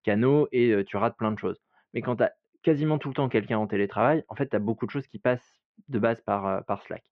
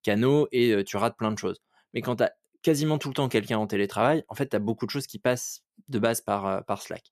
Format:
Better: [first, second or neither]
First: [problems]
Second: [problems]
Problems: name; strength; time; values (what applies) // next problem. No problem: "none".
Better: second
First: muffled; very; fading above 2.5 kHz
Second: none